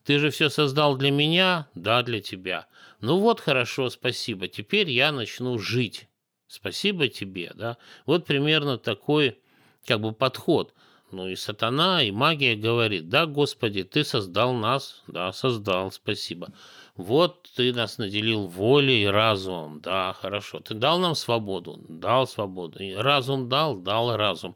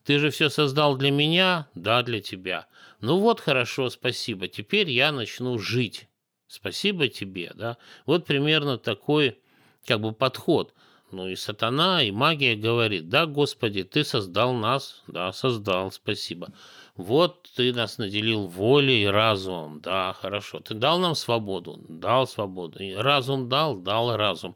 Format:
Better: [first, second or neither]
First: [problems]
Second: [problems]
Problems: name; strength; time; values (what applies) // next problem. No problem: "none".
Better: neither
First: none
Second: none